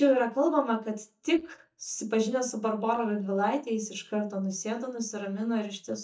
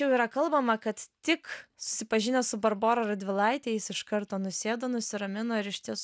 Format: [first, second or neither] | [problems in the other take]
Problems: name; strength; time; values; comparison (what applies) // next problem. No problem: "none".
second | noise reduction (neural mask model DeepFilterNet 3)